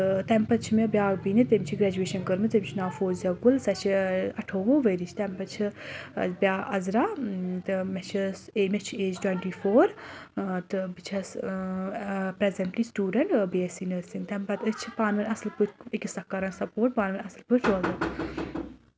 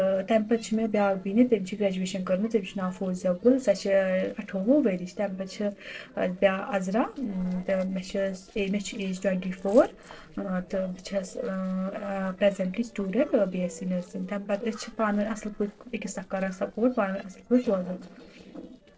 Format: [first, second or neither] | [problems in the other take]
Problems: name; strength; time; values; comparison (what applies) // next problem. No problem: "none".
first | noise reduction (neural separator model SepFormer DNS4)